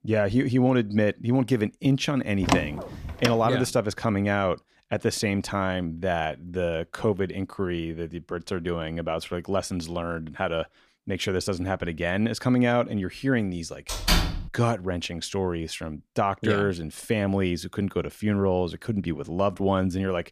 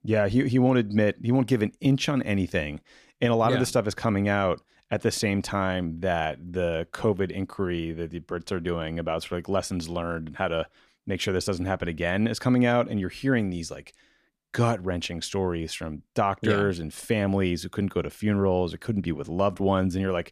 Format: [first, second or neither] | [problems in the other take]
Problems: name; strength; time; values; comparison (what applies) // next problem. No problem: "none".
second | door banging; loud; at 2.5 s and at 14 s; peak 3 dB above the speech